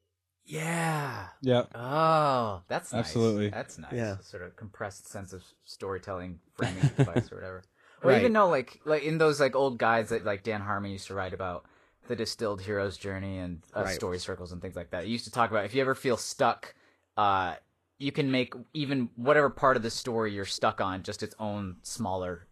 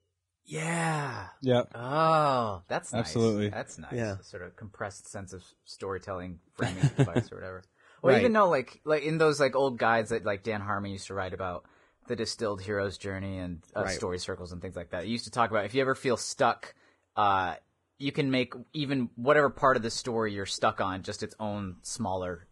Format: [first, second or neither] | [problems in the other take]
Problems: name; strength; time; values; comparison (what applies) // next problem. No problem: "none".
first | garbled, watery; badly; nothing above 10.5 kHz; slightly in the first